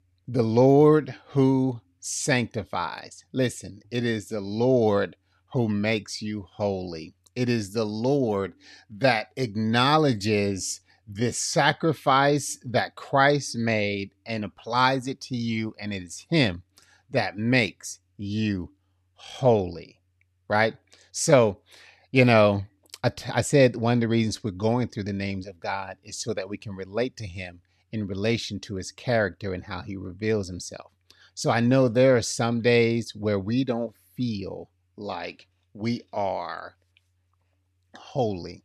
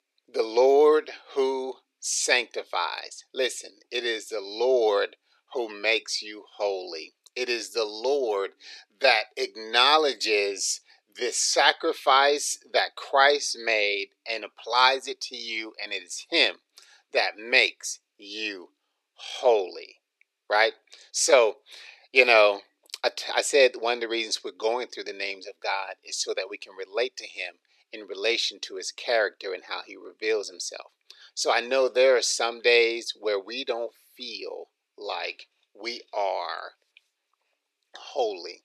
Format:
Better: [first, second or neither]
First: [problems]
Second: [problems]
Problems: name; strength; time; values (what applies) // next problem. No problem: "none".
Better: first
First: none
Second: thin; very; fading below 350 Hz